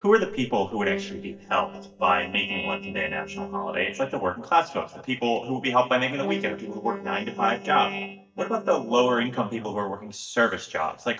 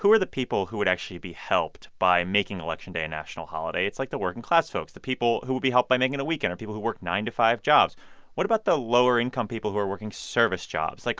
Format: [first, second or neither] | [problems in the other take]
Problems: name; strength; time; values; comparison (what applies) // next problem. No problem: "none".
second | noise reduction (neural mask model DeepFilterNet 3)